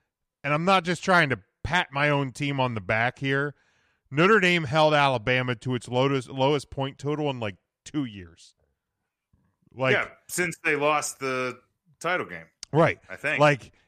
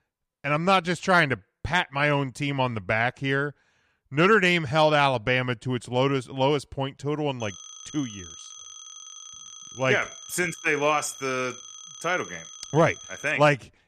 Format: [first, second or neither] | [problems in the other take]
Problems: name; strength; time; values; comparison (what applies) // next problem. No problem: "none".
first | phone ringing; faint; from 7.5 to 13 s; peak 15 dB below the speech